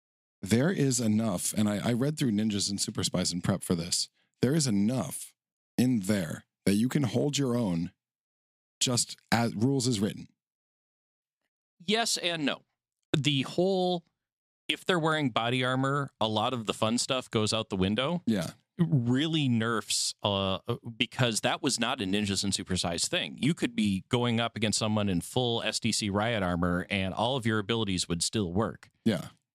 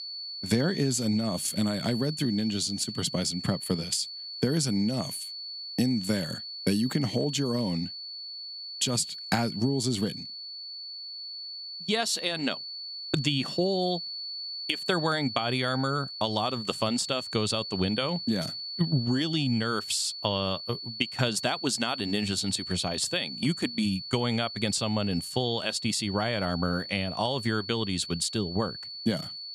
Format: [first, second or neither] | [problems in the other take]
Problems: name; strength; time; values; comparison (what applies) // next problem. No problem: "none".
first | high-pitched whine; loud; throughout; 4.5 kHz, 7 dB below the speech